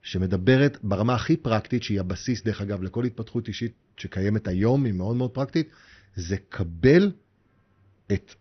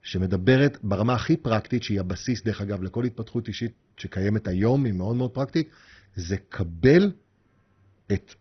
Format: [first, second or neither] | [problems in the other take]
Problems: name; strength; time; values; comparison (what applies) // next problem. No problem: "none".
first | garbled, watery; badly; nothing above 6 kHz; slightly in the first